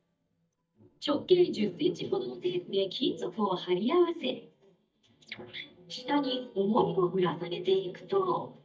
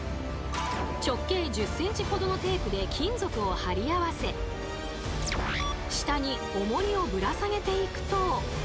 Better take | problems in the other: second | noise reduction (neural mask model DeepFilterNet 3)

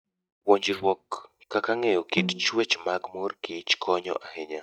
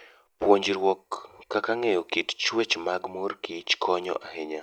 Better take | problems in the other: second | noise reduction (neural mask model DeepFilterNet 3)

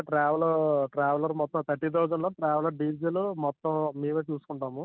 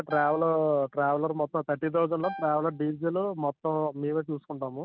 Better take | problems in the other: first | background sound (Piano); 16 dB below the speech

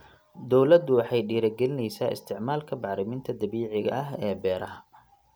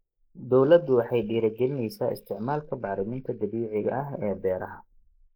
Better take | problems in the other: first | noise reduction (neural mask model Resemble Enhance denoiser)

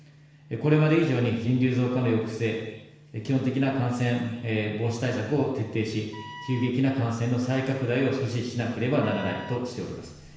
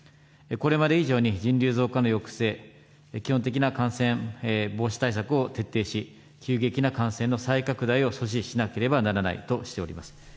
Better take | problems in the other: second | background sound (Wind instrument, woodwind instrument); 18 dB below the speech // room echo; dies away in 1 s

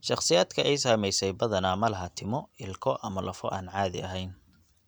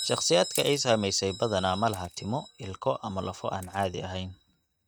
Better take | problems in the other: first | noise reduction (neural mask model RNNoise)

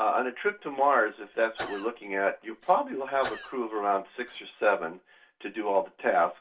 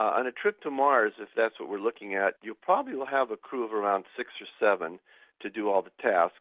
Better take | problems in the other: second | background sound (Sneeze / Cough); 16 dB below the speech // room echo; dies away in 0.2 s

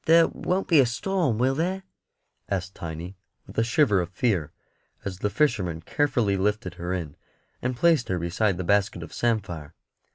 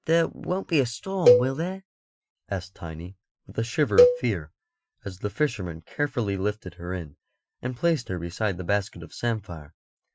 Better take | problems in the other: first | noise reduction (classical method Wiener filter)

